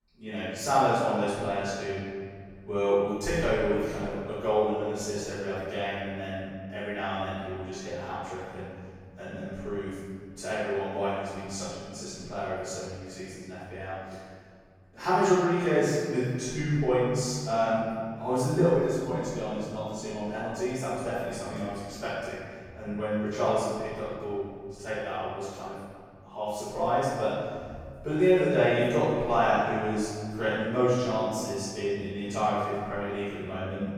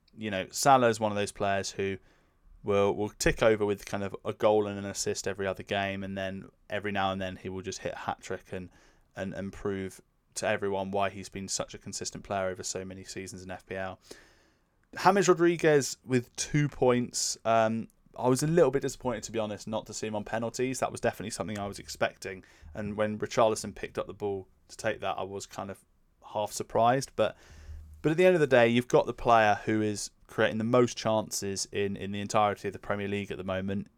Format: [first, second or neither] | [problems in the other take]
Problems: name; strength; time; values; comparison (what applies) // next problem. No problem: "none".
second | off-mic speech; far // room echo; strong; dies away in 2.2 s